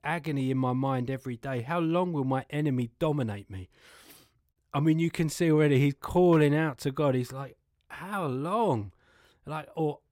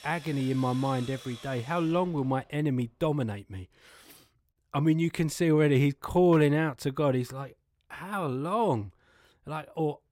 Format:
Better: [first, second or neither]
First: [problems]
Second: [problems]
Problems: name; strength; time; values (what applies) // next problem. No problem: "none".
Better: first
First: none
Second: machinery noise; noticeable; until 2 s; 20 dB below the speech